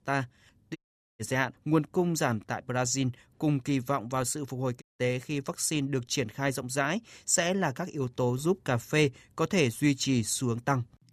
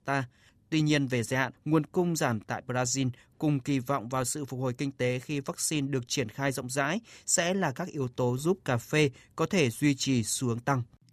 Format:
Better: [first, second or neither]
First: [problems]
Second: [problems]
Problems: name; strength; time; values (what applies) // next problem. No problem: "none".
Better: second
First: audio cutting out; at 1 s and at 5 s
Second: none